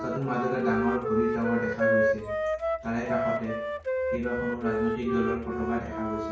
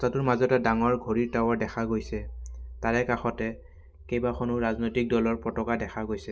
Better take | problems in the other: second | background sound (Wind instrument, woodwind instrument); 1 dB above the speech // room echo; dies away in 0.5 s

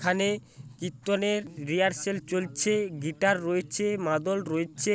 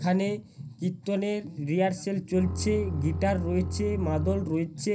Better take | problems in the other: first | background sound (Bowed string instrument); 5 dB below the speech // room echo; dies away in 0.4 s

